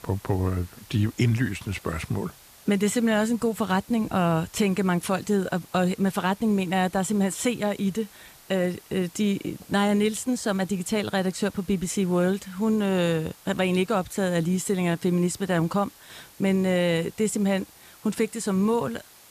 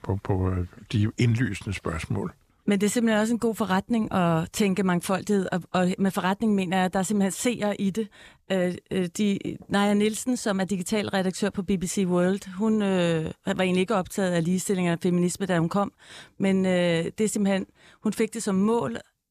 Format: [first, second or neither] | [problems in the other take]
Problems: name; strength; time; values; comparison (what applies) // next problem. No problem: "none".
second | hiss; faint; throughout; 25 dB below the speech